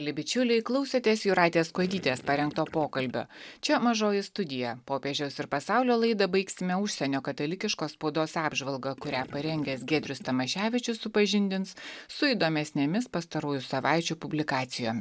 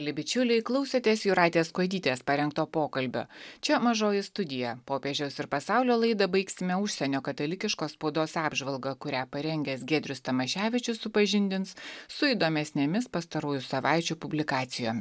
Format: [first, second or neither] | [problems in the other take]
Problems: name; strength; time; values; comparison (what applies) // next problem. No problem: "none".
second | background sound (Gurgling); 17 dB below the speech